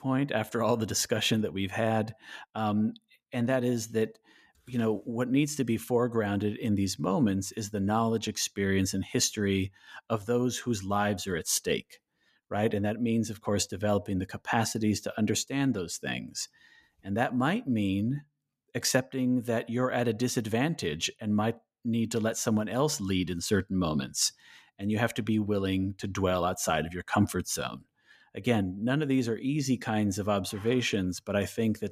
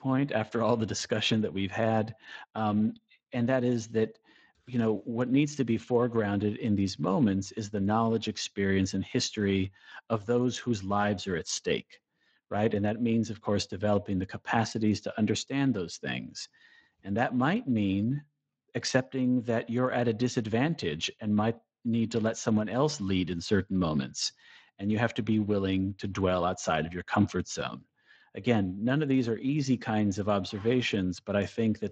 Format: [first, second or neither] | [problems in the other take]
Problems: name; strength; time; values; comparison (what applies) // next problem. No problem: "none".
first | garbled, watery; slightly